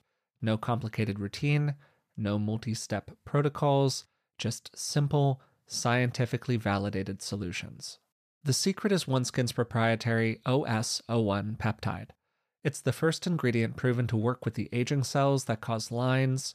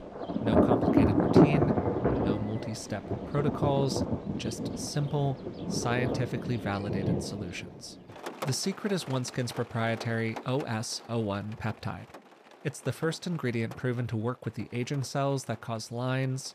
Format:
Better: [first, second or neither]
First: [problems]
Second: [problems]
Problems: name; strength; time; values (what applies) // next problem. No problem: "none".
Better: first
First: none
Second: rain or running water; very loud; throughout; 4 dB above the speech